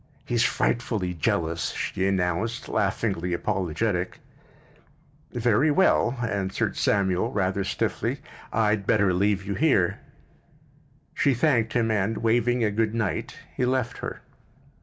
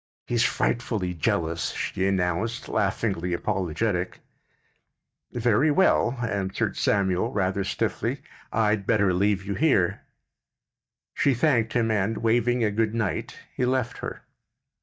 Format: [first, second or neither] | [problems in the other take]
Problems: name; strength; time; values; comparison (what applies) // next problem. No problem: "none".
first | noise reduction (neural mask model DeepFilterNet 3)